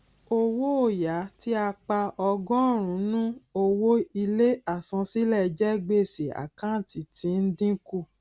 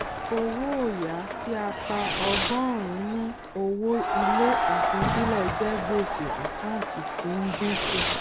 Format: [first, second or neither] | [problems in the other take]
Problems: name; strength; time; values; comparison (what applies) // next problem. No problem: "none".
first | background sound (Fireworks + Crowd); 1 dB above the speech